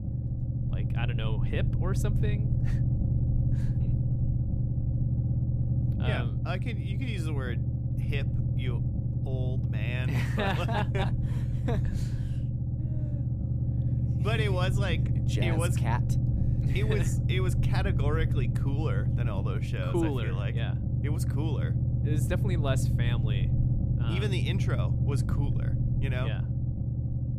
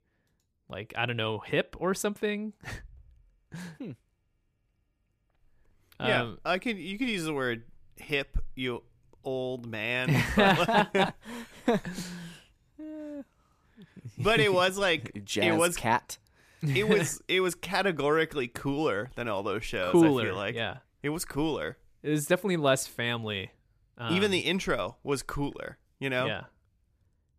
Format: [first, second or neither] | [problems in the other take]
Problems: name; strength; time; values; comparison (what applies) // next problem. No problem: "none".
second | low rumble; loud; throughout; 4 dB below the speech